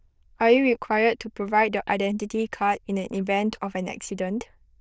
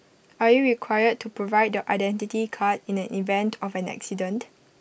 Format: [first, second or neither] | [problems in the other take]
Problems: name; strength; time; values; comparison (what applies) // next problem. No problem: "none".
second | noise reduction (neural diffusion model UNIVERSE++)